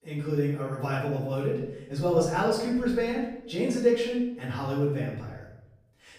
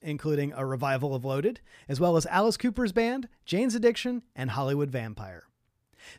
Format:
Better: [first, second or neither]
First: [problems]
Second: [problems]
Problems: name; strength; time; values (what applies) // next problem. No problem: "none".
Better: second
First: off-mic speech; far // room echo; noticeable; dies away in 0.7 s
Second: none